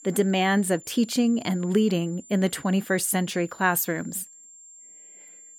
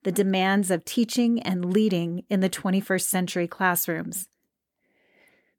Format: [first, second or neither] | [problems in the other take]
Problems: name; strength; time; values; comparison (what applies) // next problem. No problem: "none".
second | high-pitched whine; faint; throughout; 7 kHz, 20 dB below the speech